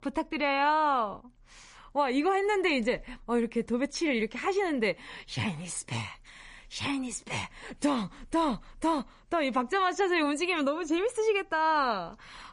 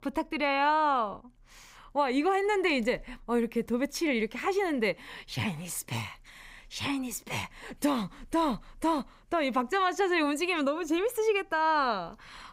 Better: second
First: garbled, watery; slightly; nothing above 10.5 kHz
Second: none

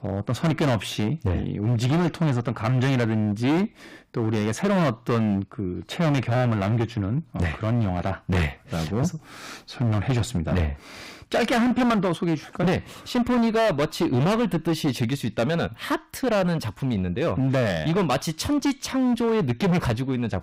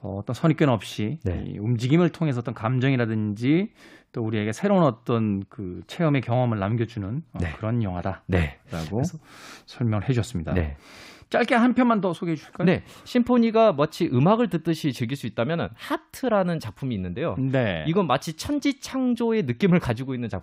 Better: second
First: distortion; heavy; 17% of the sound clipped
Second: none

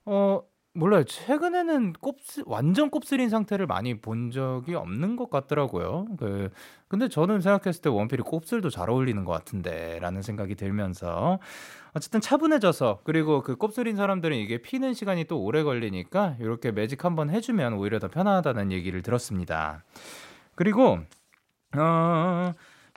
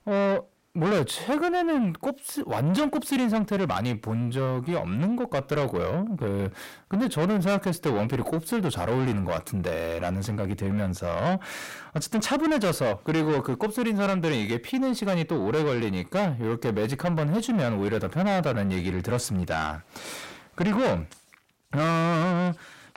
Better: first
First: none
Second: distortion; heavy; 7 dB below the speech

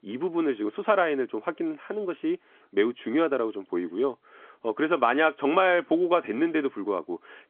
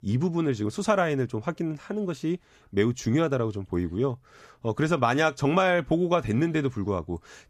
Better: second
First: phone-call audio; nothing above 3.5 kHz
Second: none

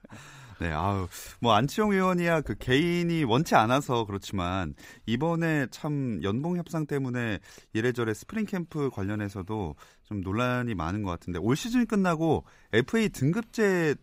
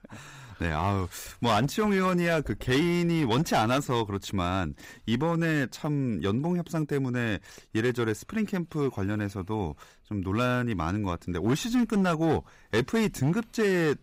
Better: first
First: none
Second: distortion; slight; 6% of the sound clipped

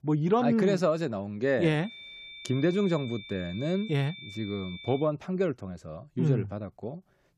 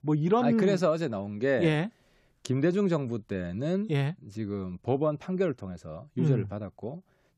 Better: second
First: high-pitched whine; noticeable; from 2 to 5 s; 3.5 kHz, 15 dB below the speech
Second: none

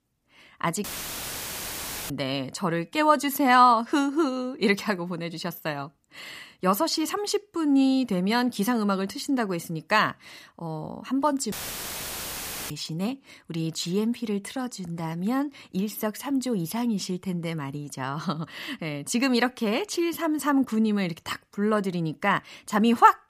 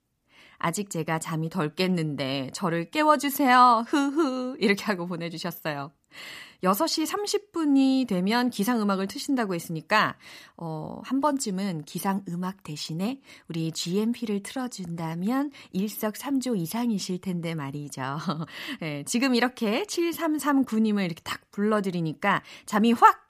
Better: second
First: audio cutting out; filled with static; at 1 s for 1.5 s and at 12 s for 1 s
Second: none

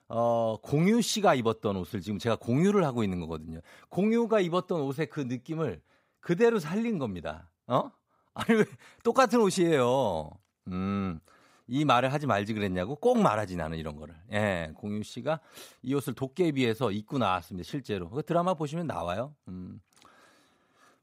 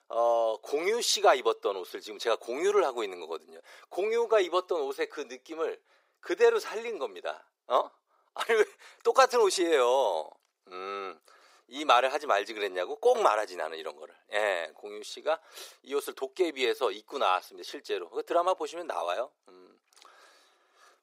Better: first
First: none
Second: thin; very; fading below 350 Hz

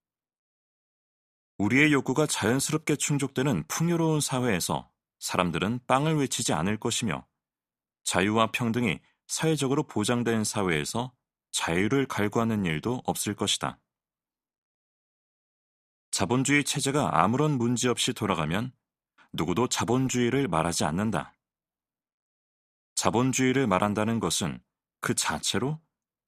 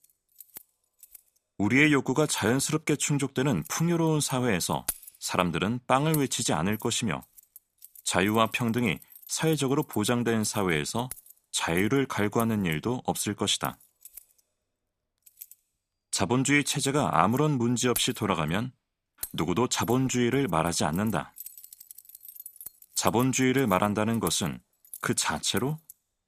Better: first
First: none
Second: household noises; noticeable; throughout; 15 dB below the speech

